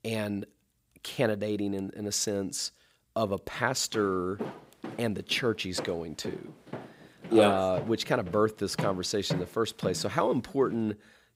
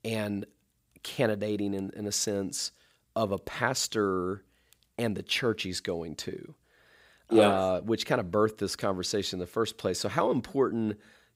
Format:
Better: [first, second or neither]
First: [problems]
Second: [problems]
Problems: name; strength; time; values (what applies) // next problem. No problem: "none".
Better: second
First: footsteps; noticeable; from 4 to 11 s; peak 6 dB below the speech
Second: none